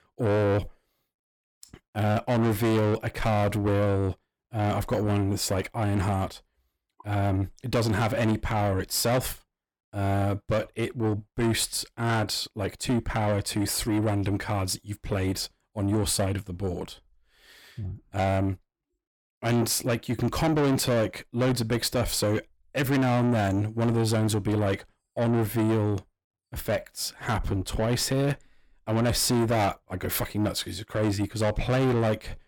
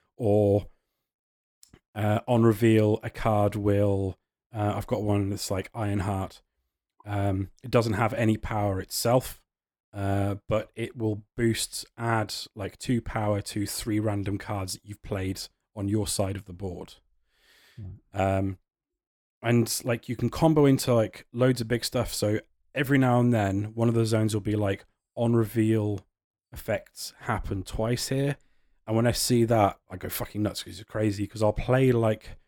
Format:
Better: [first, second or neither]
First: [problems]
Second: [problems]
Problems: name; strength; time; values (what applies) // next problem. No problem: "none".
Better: second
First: distortion; heavy; 8 dB below the speech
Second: none